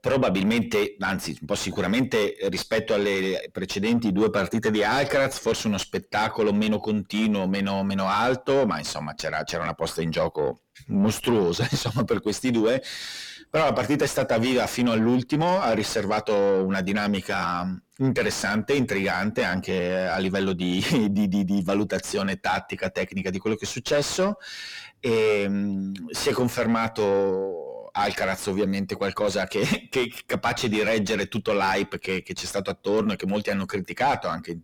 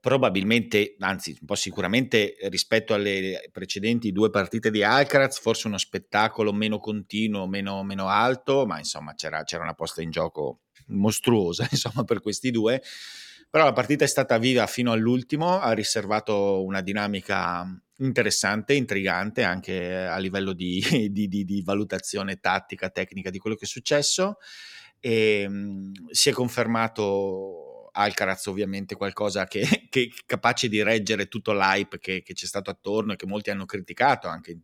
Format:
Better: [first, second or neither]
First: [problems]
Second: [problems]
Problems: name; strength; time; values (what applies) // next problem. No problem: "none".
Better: second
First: distortion; heavy; 6 dB below the speech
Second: none